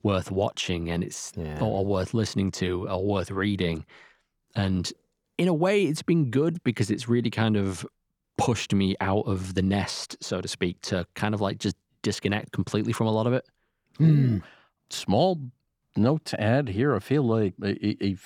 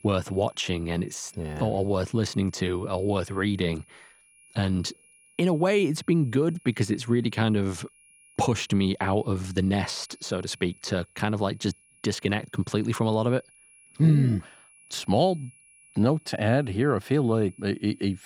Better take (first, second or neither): first